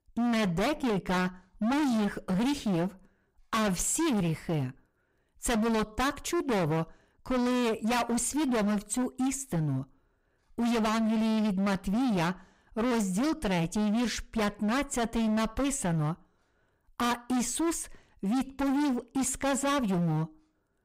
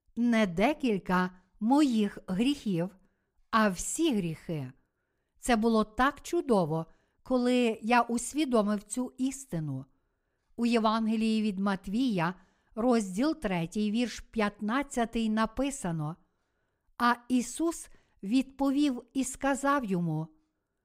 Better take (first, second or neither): second